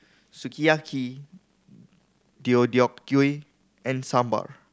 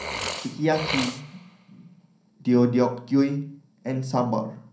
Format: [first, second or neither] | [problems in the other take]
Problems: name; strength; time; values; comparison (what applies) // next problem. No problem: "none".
first | background sound (Burping, eructation); 11 dB below the speech // room echo; dies away in 0.6 s